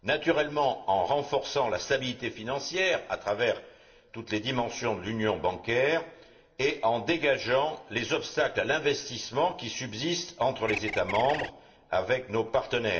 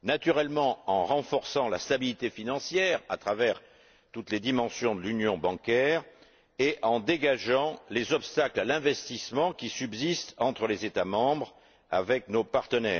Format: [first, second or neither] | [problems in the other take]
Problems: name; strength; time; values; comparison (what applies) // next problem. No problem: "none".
second | background sound (Bird); 6 dB below the speech // room echo; dies away in 0.7 s